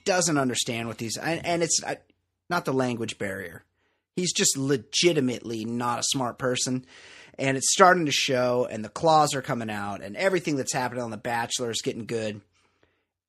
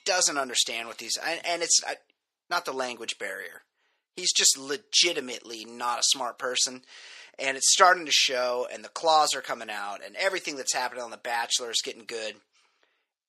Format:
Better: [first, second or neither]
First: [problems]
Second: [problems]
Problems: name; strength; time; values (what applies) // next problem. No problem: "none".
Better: first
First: none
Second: thin; somewhat; fading below 600 Hz